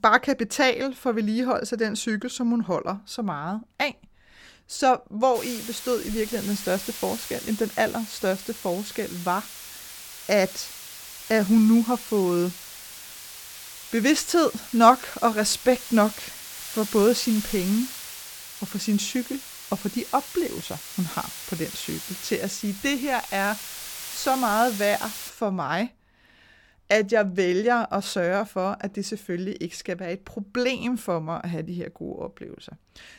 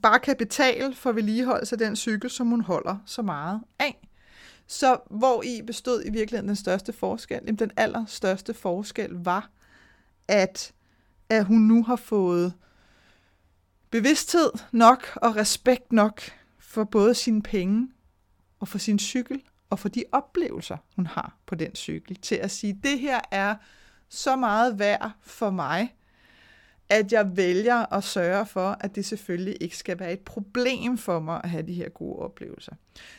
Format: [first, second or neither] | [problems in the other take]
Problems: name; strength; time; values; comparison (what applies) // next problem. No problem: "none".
second | hiss; noticeable; from 5.5 to 25 s; 10 dB below the speech